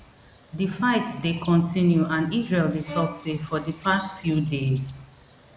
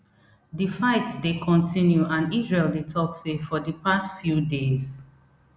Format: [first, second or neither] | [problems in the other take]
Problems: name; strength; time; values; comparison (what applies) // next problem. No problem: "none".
second | background sound (Bowed string instrument + Bird); 19 dB below the speech